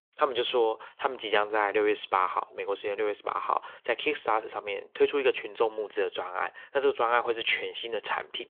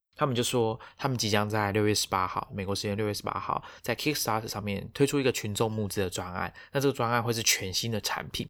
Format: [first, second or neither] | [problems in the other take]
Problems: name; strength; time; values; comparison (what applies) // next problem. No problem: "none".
second | phone-call audio; nothing above 3.5 kHz